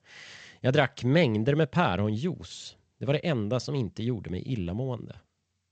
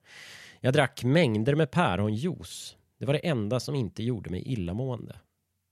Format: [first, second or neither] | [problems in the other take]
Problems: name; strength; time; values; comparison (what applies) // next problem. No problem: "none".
second | garbled, watery; slightly; nothing above 8 kHz